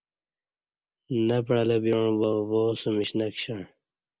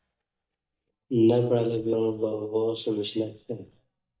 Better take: first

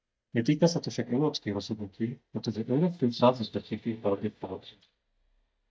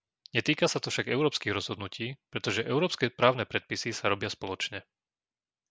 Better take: second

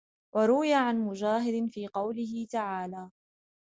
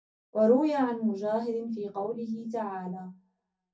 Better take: first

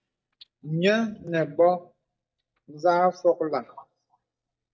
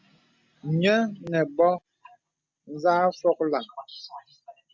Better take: second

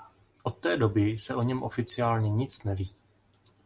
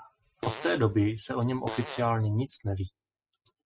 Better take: first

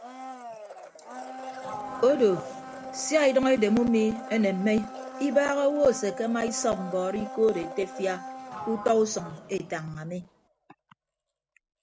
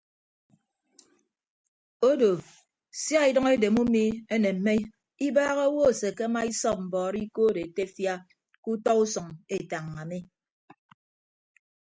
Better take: second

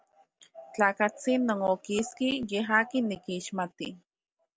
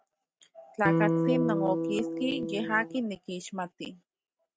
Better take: first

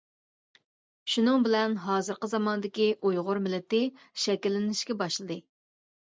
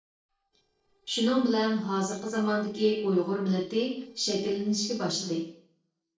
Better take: first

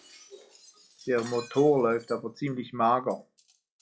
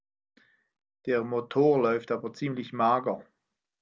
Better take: second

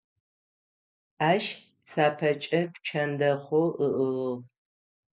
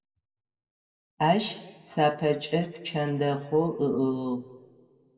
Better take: first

